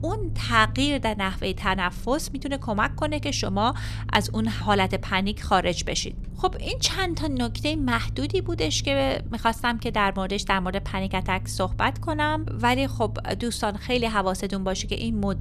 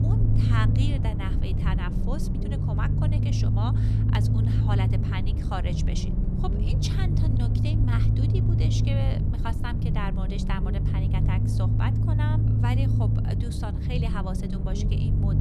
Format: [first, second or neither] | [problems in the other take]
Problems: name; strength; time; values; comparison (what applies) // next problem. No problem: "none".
first | low rumble; loud; throughout; as loud as the speech; faint in the first